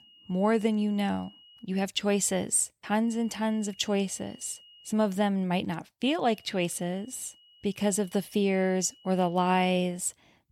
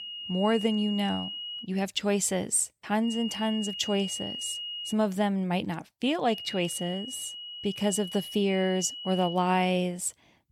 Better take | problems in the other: first | high-pitched whine; loud; until 1.5 s, from 3 to 5 s and from 6.5 to 9.5 s; 3 kHz, 8 dB below the speech; faint in the first

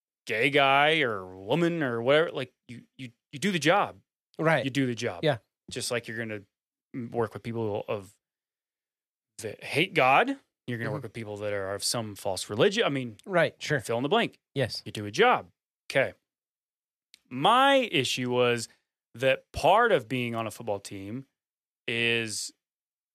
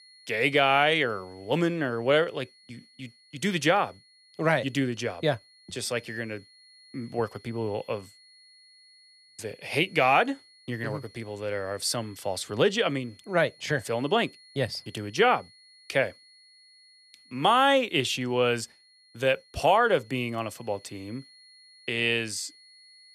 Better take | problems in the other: first | high-pitched whine; faint; throughout; 4.5 kHz, 25 dB below the speech

